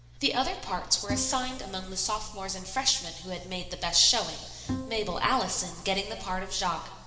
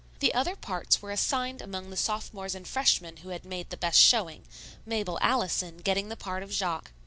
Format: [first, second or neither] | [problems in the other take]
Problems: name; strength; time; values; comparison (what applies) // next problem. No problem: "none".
second | background sound (Bowed string instrument); 9 dB below the speech // room echo; dies away in 2 s